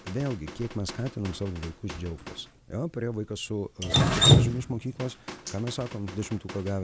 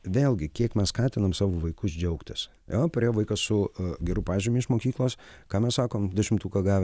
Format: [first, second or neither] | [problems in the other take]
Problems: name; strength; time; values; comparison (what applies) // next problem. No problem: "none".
second | background sound (Drip); 4 dB above the speech